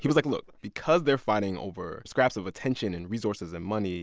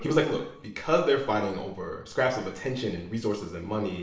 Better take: first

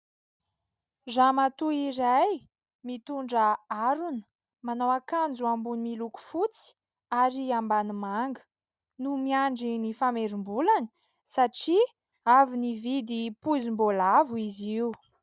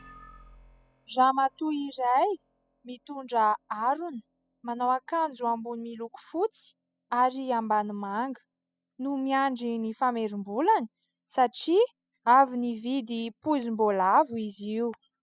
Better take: first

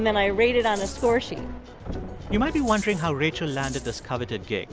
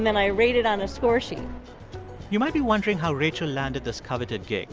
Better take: second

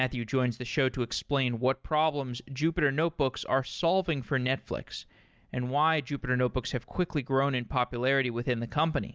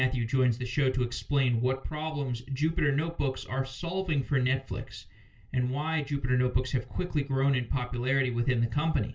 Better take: first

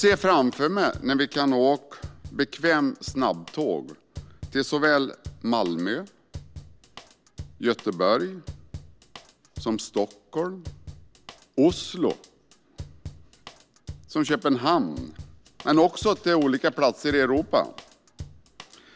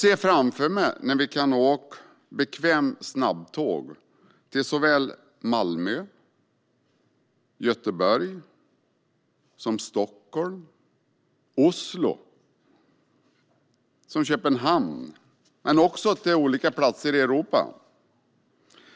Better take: second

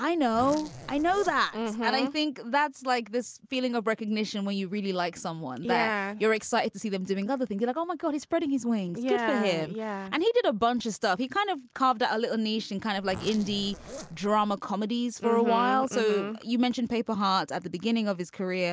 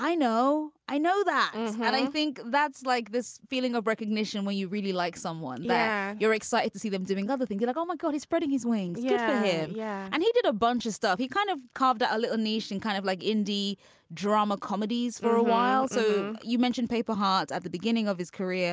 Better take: second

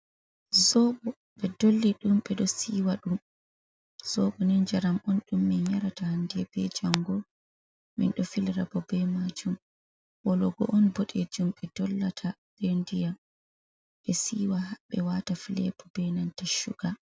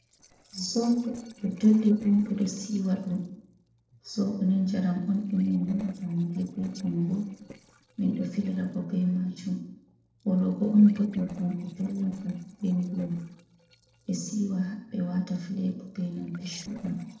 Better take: first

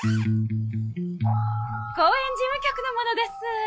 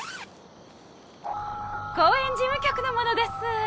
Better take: second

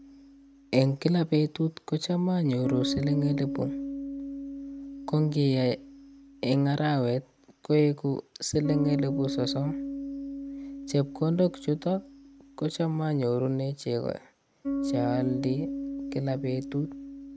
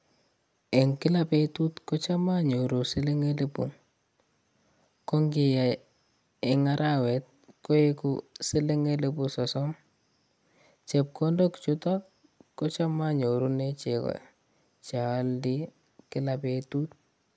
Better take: second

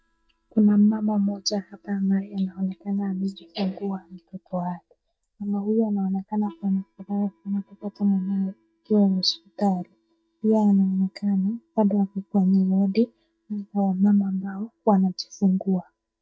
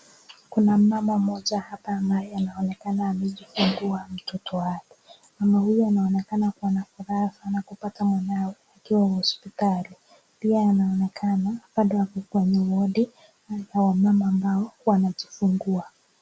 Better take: second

